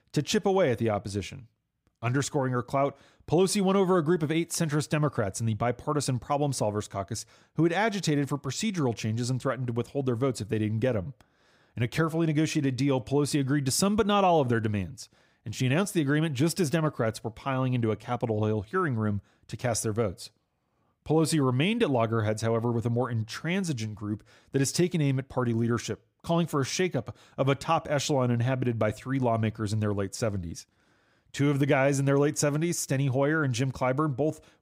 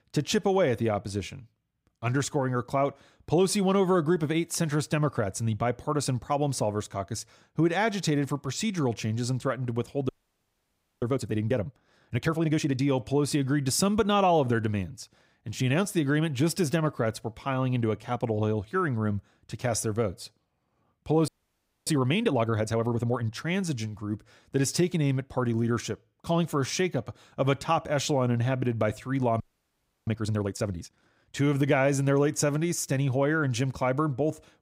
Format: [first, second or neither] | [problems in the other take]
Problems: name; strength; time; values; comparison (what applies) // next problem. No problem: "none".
first | audio freezing; at 10 s for 1 s, at 21 s for 0.5 s and at 29 s for 0.5 s